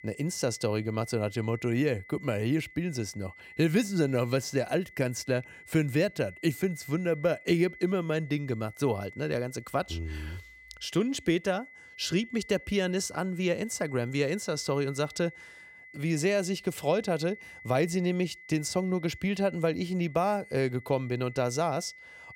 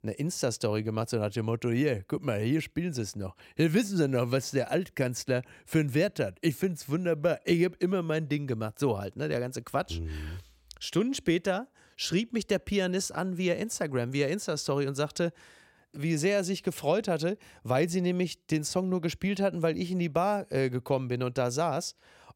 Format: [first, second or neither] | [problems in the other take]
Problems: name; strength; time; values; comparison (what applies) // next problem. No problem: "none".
second | high-pitched whine; noticeable; throughout; 2 kHz, 20 dB below the speech